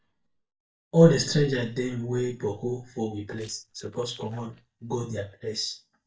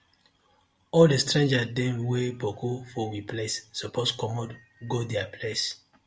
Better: second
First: noise reduction (neural mask model DeepFilterNet 3)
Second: none

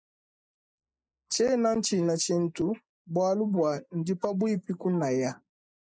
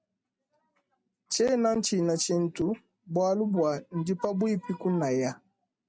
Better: second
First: noise reduction (neural mask model Resemble Enhance denoiser)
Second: none

